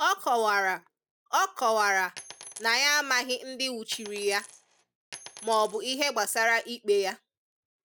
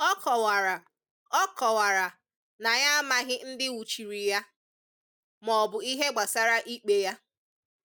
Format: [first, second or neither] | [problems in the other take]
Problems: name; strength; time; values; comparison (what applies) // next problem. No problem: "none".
second | background sound (Coin (dropping)); 18 dB below the speech